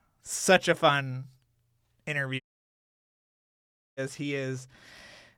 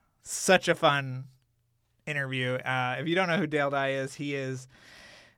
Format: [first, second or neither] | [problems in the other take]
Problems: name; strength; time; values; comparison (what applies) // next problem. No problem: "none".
second | audio cutting out; at 2.5 s for 1.5 s